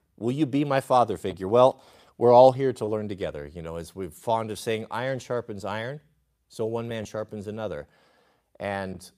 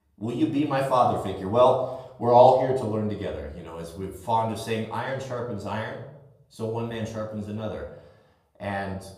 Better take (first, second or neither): first